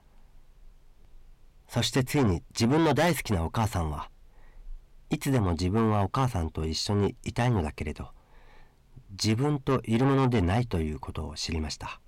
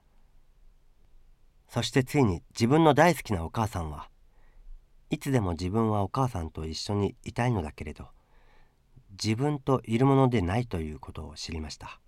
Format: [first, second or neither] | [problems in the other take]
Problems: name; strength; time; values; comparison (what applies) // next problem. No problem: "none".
second | distortion; heavy; 6 dB below the speech